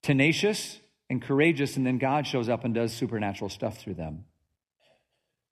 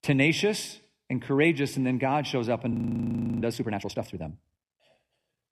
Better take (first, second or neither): first